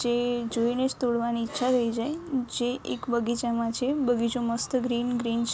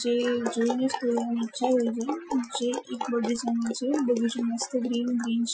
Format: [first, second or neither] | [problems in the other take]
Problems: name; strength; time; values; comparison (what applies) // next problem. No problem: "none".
first | noise reduction (classical method Wiener filter)